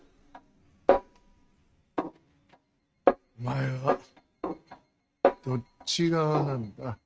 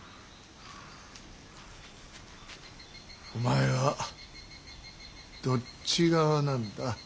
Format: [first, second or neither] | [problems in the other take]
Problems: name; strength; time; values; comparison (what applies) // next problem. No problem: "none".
second | noise reduction (neural mask model RNNoise)